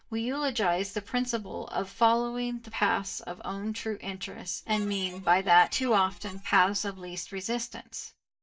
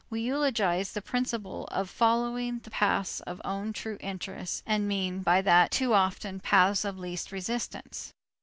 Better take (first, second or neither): second